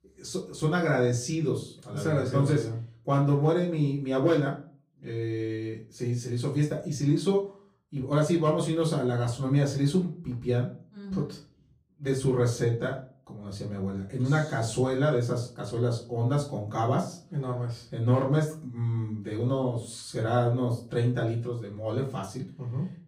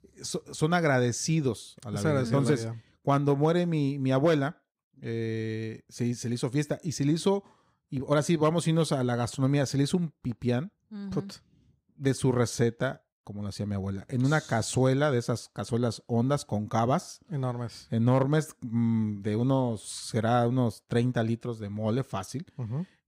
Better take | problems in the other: second | off-mic speech; far // room echo; slight; dies away in 0.3 s

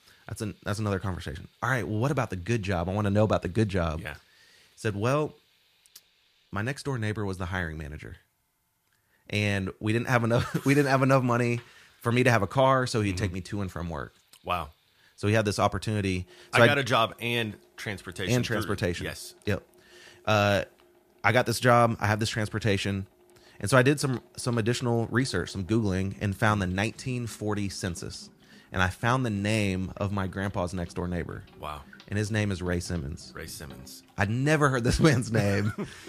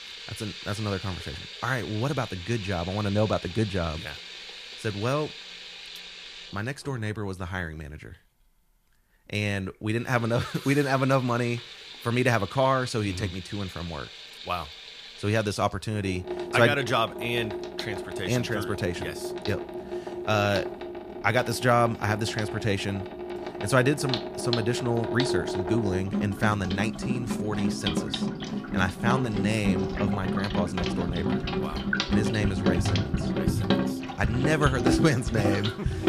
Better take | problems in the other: first | household noises; loud; throughout; 4 dB below the speech; faint in the first

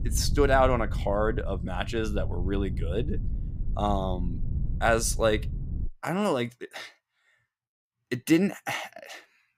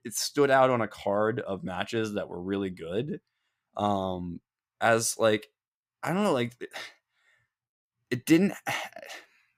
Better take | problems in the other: second | wind noise on the microphone; occasional gusts; until 6 s; 20 dB below the speech

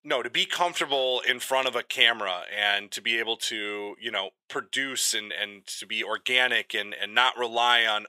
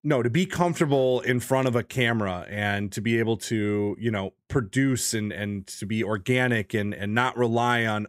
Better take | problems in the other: second | thin; very; fading below 750 Hz

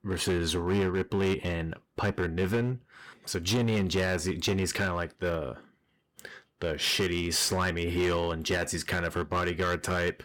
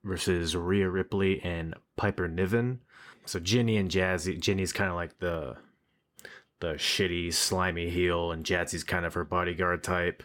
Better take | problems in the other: second | distortion; slight; 9% of the sound clipped

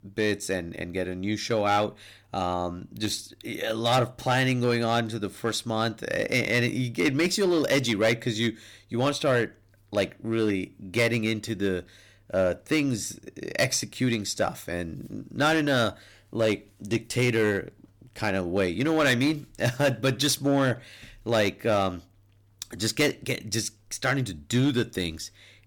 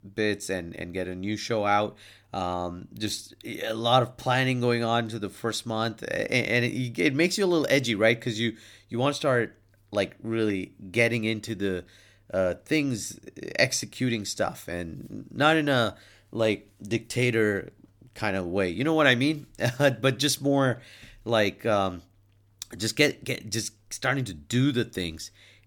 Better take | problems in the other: second | distortion; slight; 4% of the sound clipped

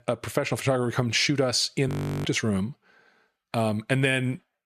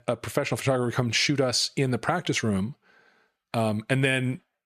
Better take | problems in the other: second | audio freezing; at 2 s

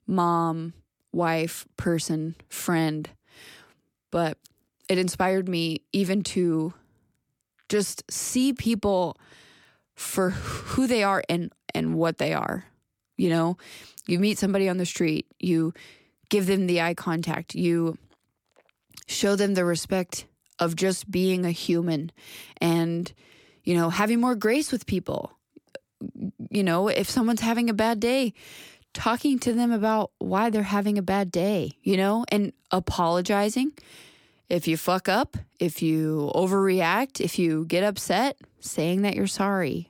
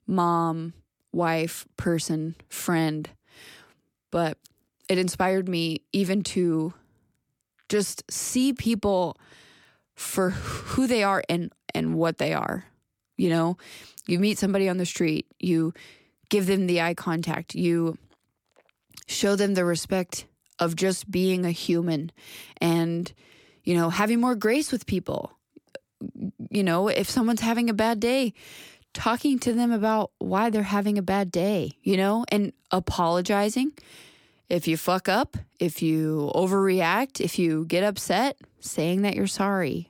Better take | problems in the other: neither | none

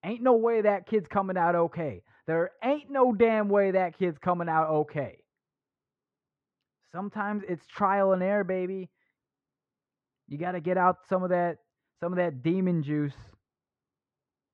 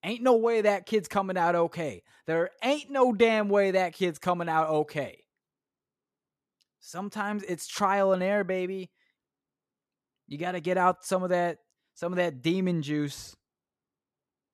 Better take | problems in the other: second | muffled; very; fading above 1.5 kHz

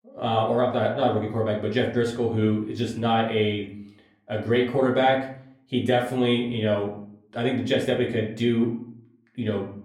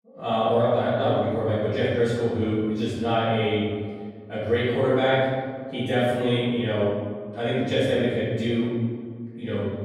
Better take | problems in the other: first | room echo; strong; dies away in 1.6 s; slight in the first // off-mic speech; far; far in the first

